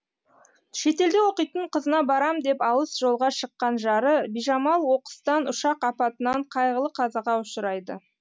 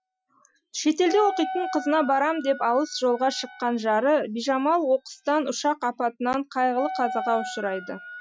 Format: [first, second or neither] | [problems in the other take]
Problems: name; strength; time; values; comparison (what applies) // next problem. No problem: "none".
first | noise reduction (classical method Wiener filter)